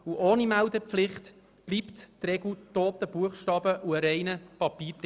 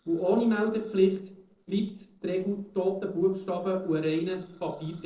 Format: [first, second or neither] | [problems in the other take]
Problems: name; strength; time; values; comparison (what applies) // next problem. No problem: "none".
first | noise reduction (neural separator model SepFormer DNS4)